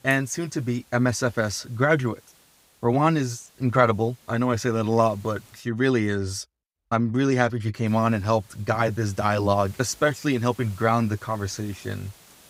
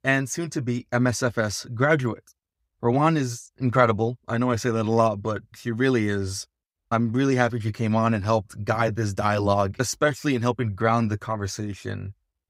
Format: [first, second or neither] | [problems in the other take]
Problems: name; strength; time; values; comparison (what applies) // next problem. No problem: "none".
second | hiss; faint; until 5.5 s and from 8 s on; 25 dB below the speech